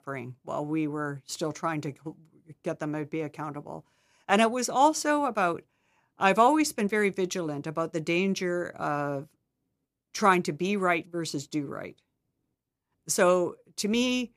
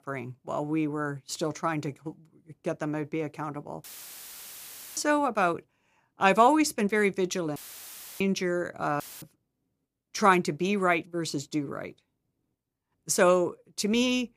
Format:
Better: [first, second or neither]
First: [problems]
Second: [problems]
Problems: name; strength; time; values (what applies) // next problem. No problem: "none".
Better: first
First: none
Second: audio cutting out; filled with static; at 4 s for 1 s, at 7.5 s for 0.5 s and at 9 s